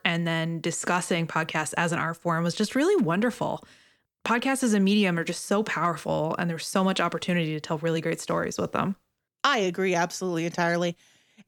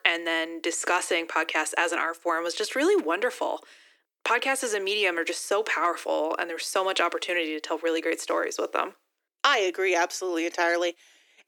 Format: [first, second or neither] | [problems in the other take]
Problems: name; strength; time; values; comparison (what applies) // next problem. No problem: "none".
first | thin; very; fading below 300 Hz